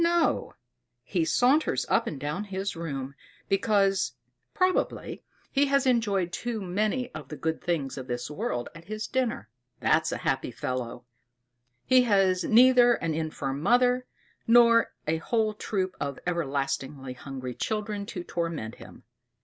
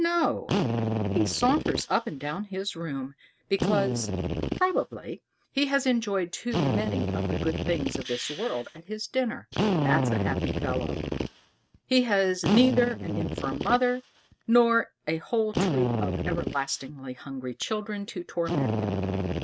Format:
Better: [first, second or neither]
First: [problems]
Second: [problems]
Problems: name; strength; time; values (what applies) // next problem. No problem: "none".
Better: first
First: none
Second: noise reduction (neural mask model RNNoise)